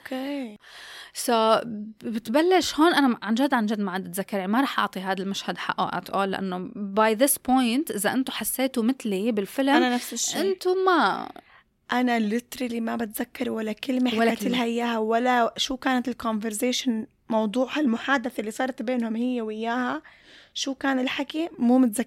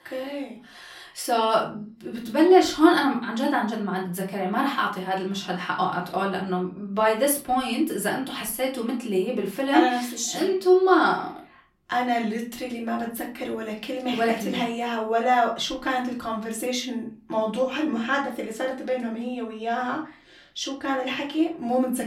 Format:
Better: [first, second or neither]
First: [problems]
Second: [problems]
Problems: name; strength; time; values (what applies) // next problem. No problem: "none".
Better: first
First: none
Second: off-mic speech; far // room echo; slight; dies away in 0.3 s